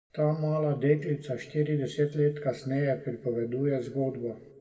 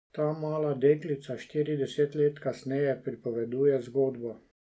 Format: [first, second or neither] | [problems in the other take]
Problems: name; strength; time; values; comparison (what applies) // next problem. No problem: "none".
second | room echo; dies away in 1.1 s